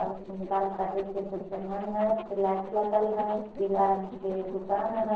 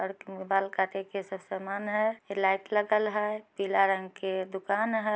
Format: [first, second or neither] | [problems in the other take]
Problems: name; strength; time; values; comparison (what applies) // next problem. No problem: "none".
second | noise reduction (neural separator model SepFormer DNS4)